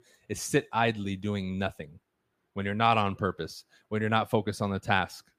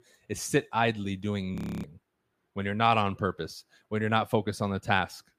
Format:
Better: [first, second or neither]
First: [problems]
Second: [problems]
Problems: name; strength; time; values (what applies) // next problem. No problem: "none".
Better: first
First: none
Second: audio freezing; at 1.5 s